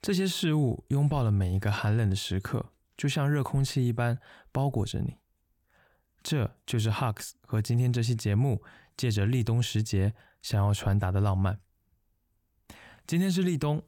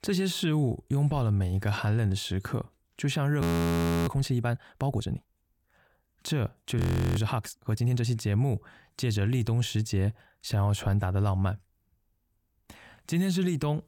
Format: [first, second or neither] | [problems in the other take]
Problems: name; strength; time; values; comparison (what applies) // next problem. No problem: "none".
first | audio freezing; at 3.5 s for 0.5 s and at 7 s